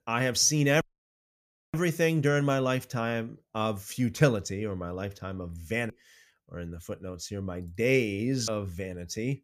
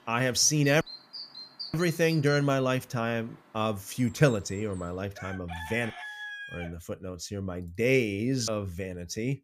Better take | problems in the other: first | animal sounds; noticeable; until 7.5 s; 15 dB below the speech

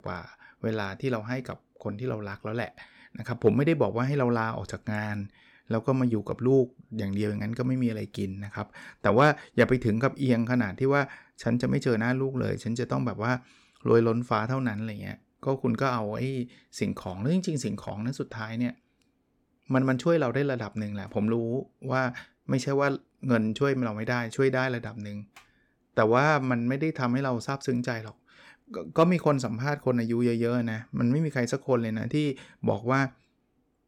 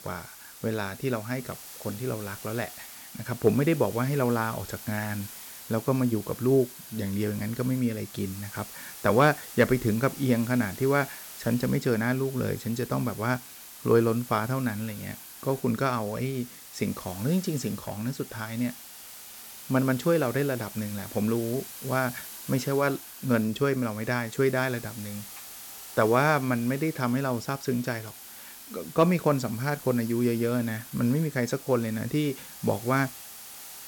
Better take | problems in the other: first | hiss; noticeable; throughout; 15 dB below the speech

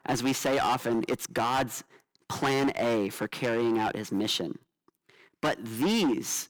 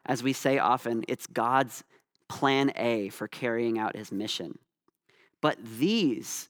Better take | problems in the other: second | distortion; heavy; 13% of the sound clipped

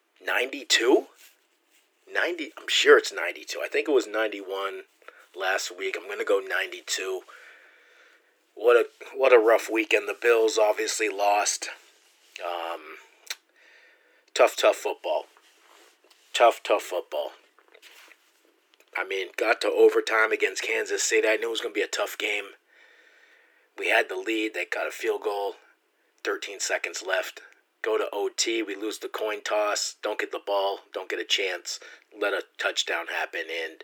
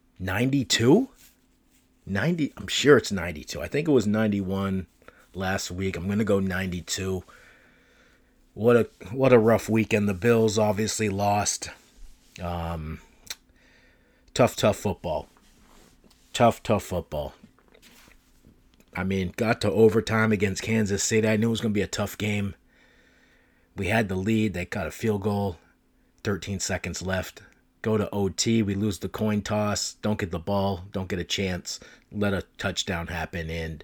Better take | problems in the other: second | thin; very; fading below 300 Hz

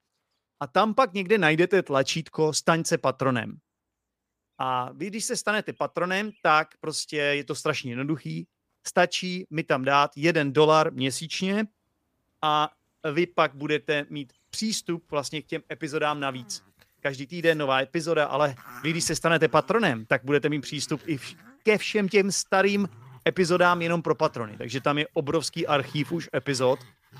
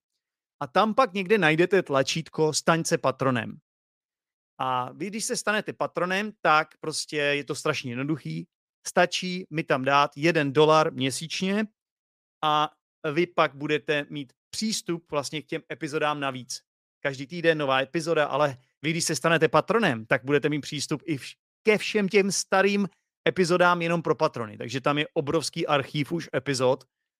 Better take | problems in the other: second | animal sounds; faint; throughout; 25 dB below the speech

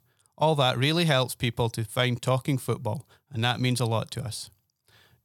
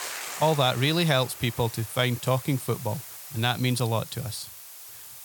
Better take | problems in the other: first | hiss; noticeable; throughout; 10 dB below the speech

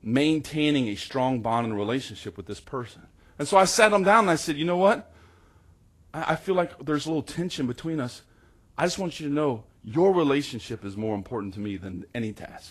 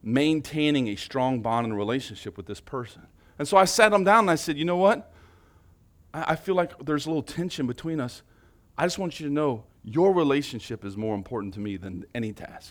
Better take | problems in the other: second | garbled, watery; slightly; nothing above 12.5 kHz

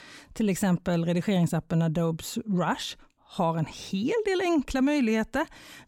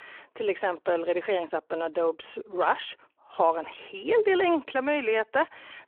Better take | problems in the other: first | phone-call audio

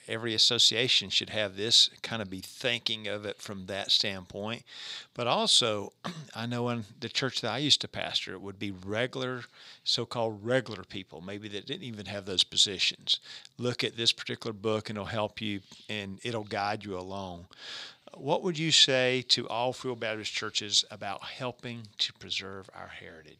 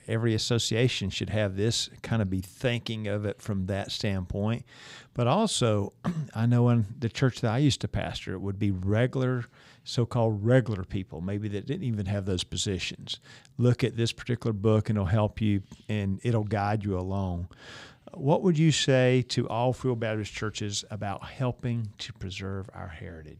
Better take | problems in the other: second | thin; somewhat; fading below 1 kHz

